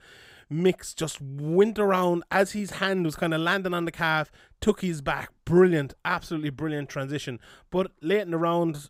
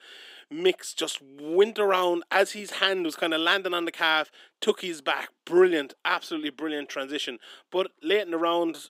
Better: first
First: none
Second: thin; somewhat; fading below 250 Hz

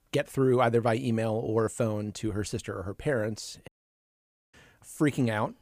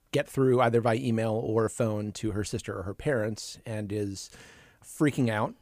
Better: second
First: audio cutting out; at 3.5 s for 1 s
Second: none

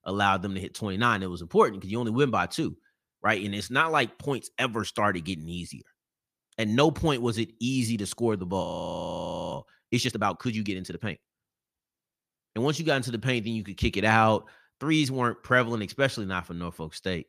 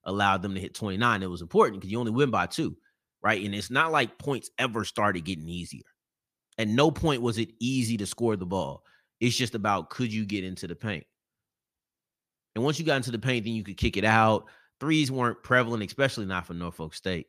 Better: second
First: audio freezing; at 8.5 s for 1 s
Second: none

